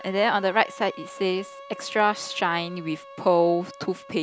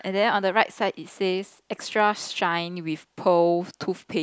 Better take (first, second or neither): second